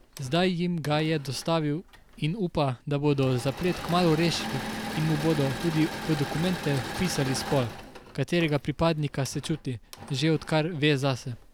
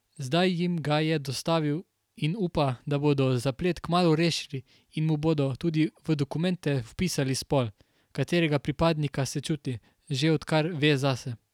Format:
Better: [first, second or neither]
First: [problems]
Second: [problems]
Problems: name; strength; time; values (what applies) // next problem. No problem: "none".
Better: second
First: background sound (Engine / Mechanisms); 11 dB below the speech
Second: none